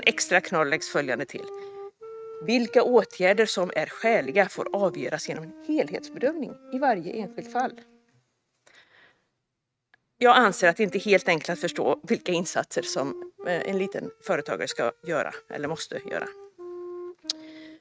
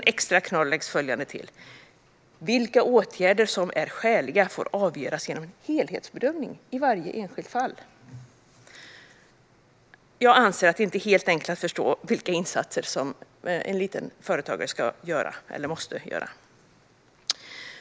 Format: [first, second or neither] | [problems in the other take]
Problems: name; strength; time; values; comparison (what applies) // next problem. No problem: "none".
second | noise reduction (neural mask model RNNoise)